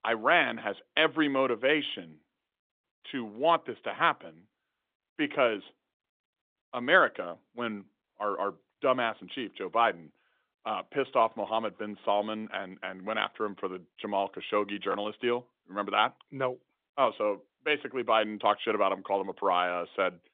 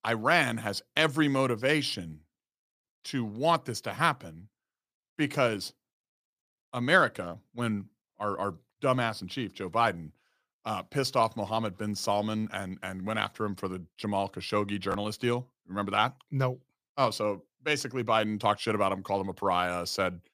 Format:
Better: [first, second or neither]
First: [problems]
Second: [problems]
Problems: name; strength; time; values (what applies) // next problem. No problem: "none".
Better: second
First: phone-call audio; nothing above 3.5 kHz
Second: none